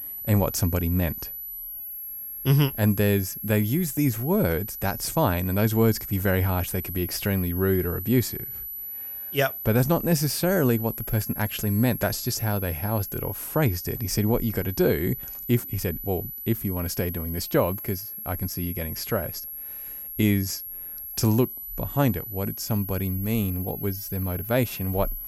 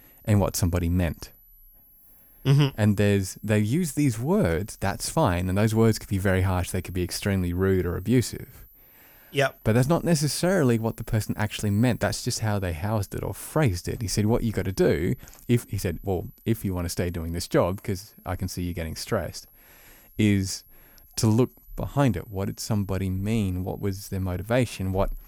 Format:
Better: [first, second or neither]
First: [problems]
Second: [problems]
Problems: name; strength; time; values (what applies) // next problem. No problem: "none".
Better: second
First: high-pitched whine; loud; throughout; 11.5 kHz, 7 dB below the speech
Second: high-pitched whine; faint; throughout; 11.5 kHz, 25 dB below the speech